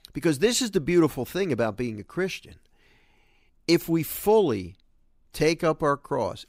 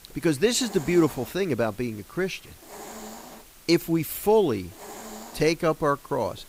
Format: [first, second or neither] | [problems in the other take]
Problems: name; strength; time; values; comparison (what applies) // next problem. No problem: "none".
first | hiss; noticeable; throughout; 20 dB below the speech